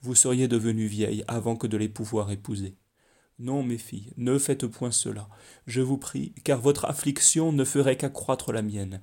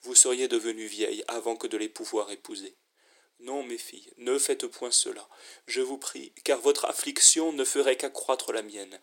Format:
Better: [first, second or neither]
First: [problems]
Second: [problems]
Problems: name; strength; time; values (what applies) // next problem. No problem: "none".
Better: first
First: none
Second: thin; very; fading below 350 Hz